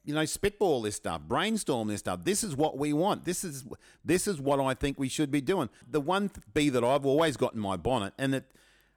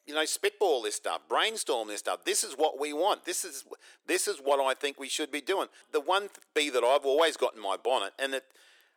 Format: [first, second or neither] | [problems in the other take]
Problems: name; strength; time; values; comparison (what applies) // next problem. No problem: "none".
first | thin; very; fading below 400 Hz